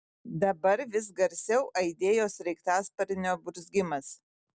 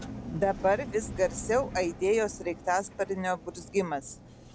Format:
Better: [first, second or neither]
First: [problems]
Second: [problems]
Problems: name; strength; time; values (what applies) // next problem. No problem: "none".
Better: first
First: none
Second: background sound (Engine); 12 dB below the speech